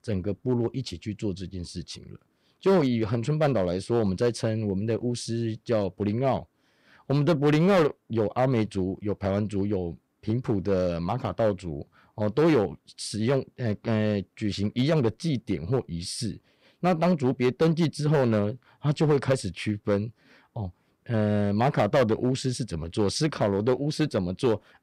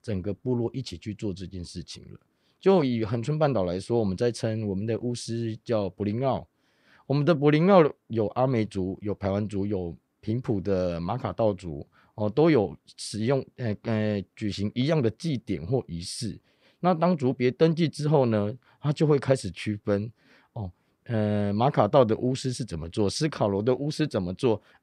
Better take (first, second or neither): second